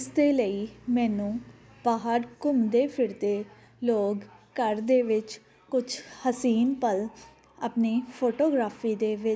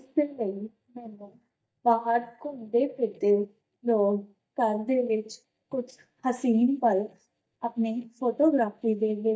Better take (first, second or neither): first